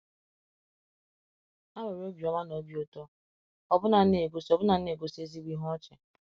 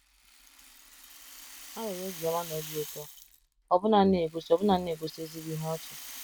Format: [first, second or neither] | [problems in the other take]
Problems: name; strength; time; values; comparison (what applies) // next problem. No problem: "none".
first | background sound (Rattle (instrument)); 15 dB below the speech